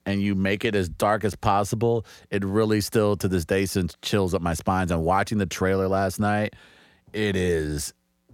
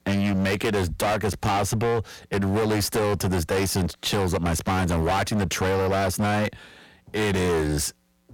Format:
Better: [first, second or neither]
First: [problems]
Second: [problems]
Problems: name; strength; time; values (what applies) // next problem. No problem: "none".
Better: first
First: none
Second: distortion; heavy; 27% of the sound clipped